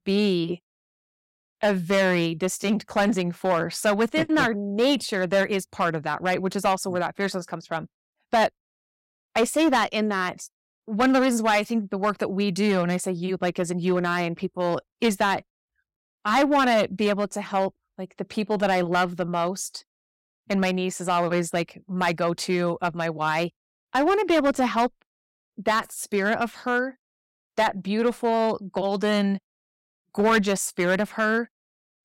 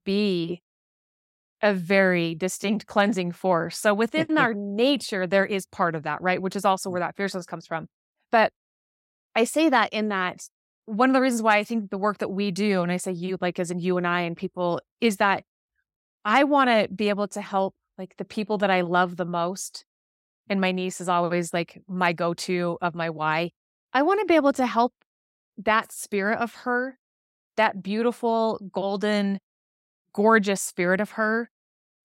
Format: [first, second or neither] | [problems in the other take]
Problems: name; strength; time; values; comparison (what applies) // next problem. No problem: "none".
second | distortion; slight; 4% of the sound clipped